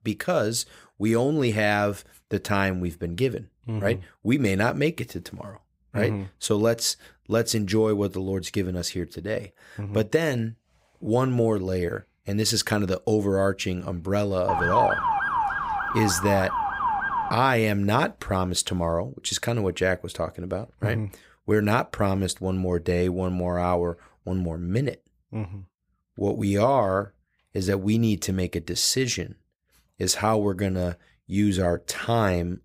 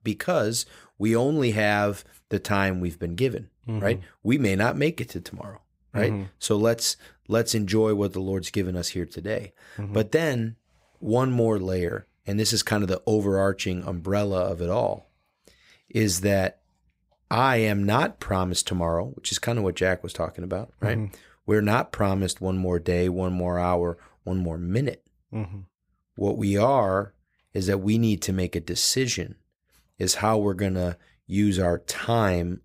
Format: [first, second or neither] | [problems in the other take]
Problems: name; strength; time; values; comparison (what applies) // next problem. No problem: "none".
second | siren; loud; from 14 to 17 s; peak 3 dB above the speech